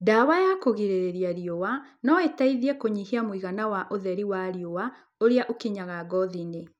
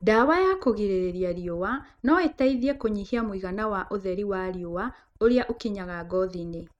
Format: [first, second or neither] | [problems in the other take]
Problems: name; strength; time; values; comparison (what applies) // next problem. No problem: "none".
first | noise reduction (neural mask model RNNoise)